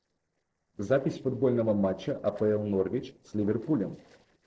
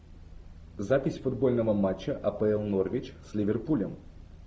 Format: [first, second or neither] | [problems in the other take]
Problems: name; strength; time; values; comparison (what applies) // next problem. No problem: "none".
second | noise reduction (neural separator model SepFormer DNS4)